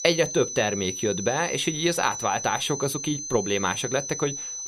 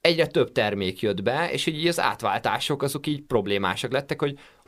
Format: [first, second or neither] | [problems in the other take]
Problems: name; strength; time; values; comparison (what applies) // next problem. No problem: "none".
second | high-pitched whine; loud; throughout; 6 kHz, 5 dB below the speech